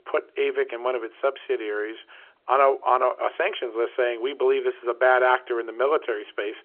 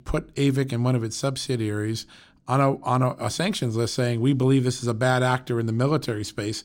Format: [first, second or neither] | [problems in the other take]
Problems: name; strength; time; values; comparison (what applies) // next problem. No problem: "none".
second | phone-call audio; nothing above 3 kHz